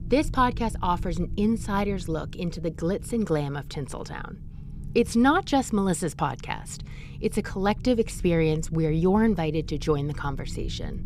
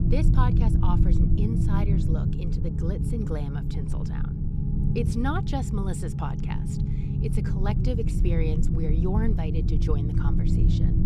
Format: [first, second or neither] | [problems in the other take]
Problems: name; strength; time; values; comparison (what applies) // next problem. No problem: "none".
first | low rumble; loud; throughout; 1 dB below the speech; faint in the first